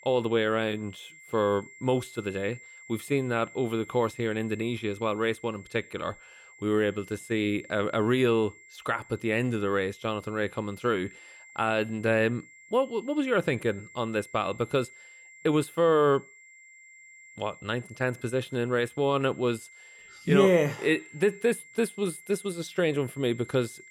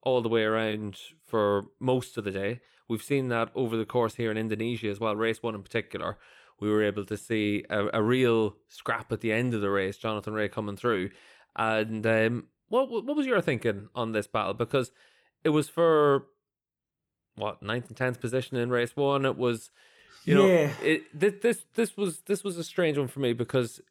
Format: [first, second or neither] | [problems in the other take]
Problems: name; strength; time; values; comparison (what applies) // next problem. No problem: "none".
second | high-pitched whine; faint; throughout; 2 kHz, 20 dB below the speech